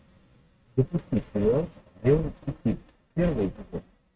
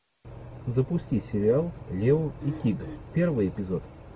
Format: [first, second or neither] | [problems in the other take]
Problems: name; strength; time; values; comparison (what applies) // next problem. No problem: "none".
second | noise reduction (neural mask model RNNoise)